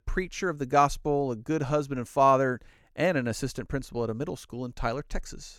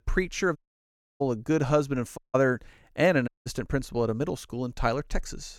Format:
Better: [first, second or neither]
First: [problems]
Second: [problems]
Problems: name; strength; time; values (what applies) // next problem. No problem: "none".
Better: first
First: none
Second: audio cutting out; at 0.5 s for 0.5 s, at 2 s and at 3.5 s